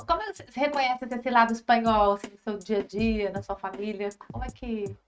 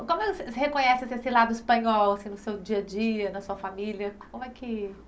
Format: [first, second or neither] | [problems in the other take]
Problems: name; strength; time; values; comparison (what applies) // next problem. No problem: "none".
second | noise reduction (neural mask model RNNoise)